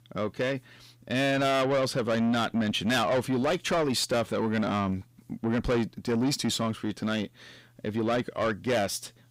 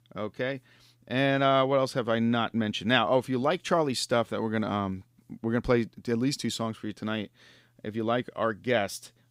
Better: second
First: distortion; heavy; 7 dB below the speech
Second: none

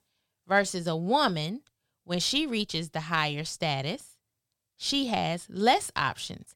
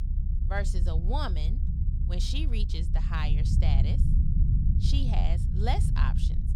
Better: first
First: none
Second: low rumble; loud; throughout; 6 dB below the speech

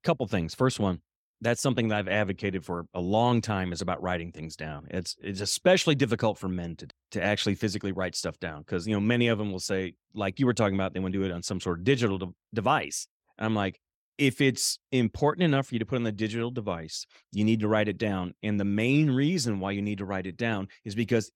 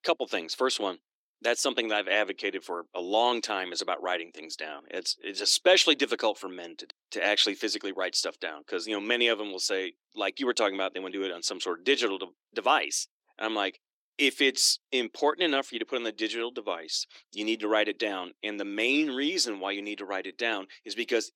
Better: first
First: none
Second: thin; somewhat; fading below 300 Hz

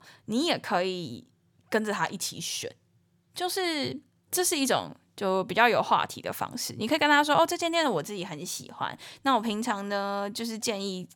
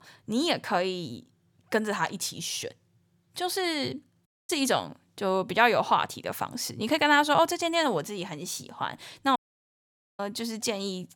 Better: first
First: none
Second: audio cutting out; at 4.5 s and at 9.5 s for 1 s

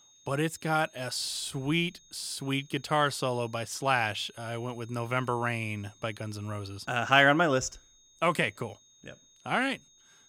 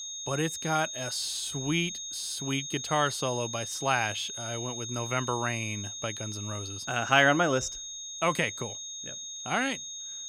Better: first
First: high-pitched whine; faint; throughout; 6.5 kHz, 30 dB below the speech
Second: high-pitched whine; loud; throughout; 6.5 kHz, 6 dB below the speech

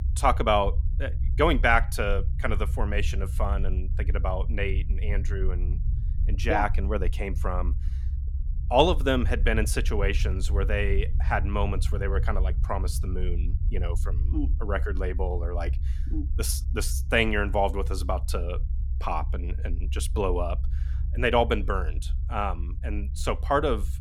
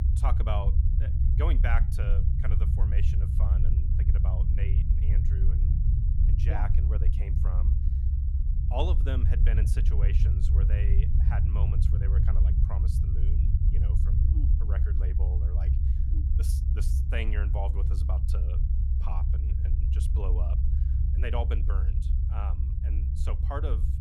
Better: first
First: low rumble; faint; throughout; 20 dB below the speech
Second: low rumble; loud; throughout; 3 dB below the speech

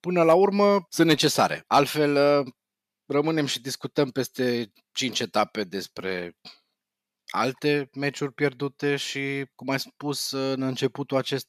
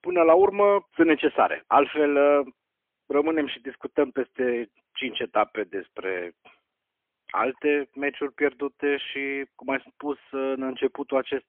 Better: first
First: none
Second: phone-call audio; poor line; nothing above 3.5 kHz

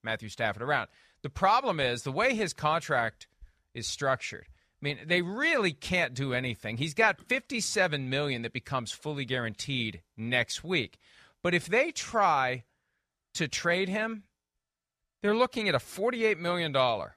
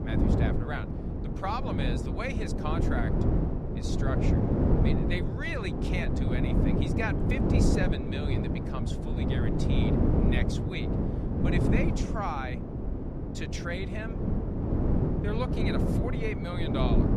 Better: first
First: none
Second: wind noise on the microphone; heavy; 1 dB above the speech

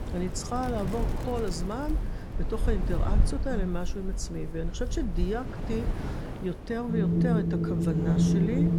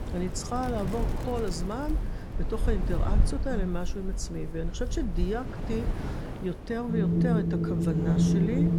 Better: neither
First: wind in the background; very loud; throughout; 3 dB above the speech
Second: wind in the background; very loud; throughout; 3 dB above the speech

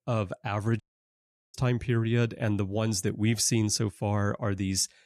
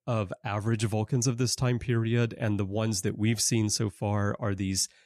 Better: second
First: audio cutting out; at 1 s for 0.5 s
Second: none

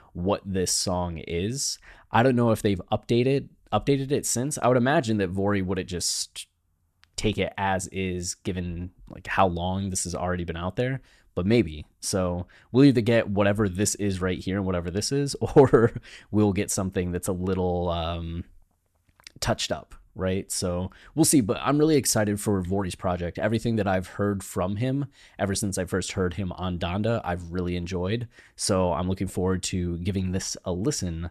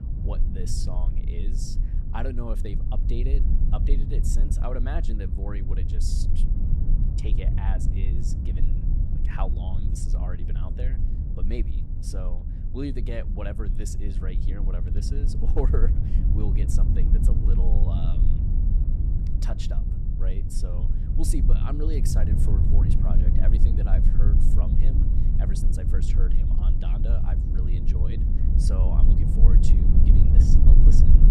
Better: first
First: none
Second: low rumble; loud; throughout; 1 dB below the speech

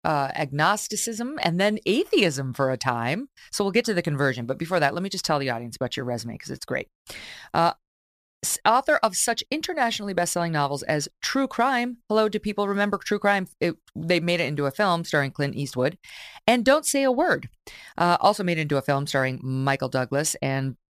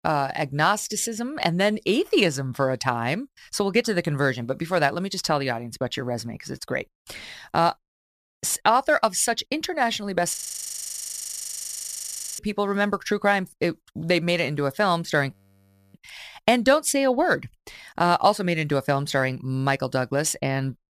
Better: first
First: none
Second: audio freezing; at 10 s for 2 s and at 15 s for 0.5 s

